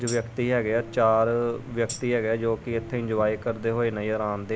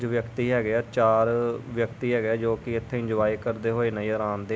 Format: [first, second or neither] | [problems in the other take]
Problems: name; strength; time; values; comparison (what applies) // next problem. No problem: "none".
second | background sound (Tambourine + Gong); 18 dB below the speech